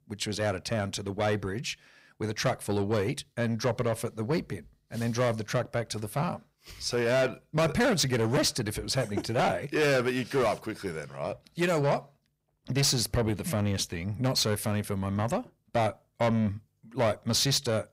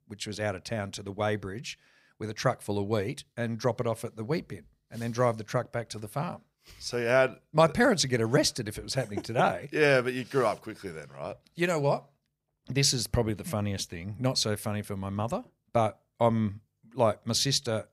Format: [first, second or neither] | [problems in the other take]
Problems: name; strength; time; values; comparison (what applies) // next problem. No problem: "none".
second | distortion; heavy; 7 dB below the speech